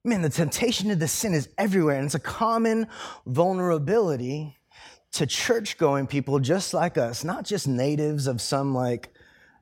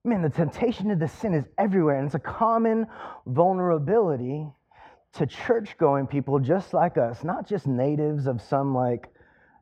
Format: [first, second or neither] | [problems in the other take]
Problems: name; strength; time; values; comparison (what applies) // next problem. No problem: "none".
first | muffled; very; fading above 3.5 kHz